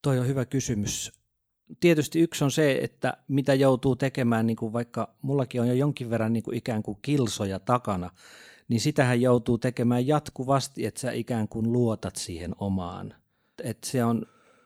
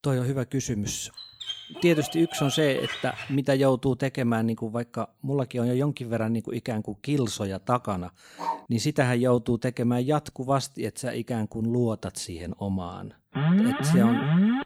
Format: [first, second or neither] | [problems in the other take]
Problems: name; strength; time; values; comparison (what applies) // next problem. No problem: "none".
first | dog barking; noticeable; from 1 to 3.5 s and at 8.5 s; peak 5 dB below the speech // alarm; loud; from 13 s on; peak 5 dB above the speech